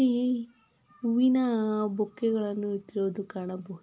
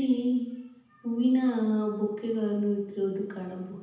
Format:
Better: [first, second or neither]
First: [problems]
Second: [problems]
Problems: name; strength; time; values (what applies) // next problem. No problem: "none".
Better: first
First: none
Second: room echo; dies away in 0.9 s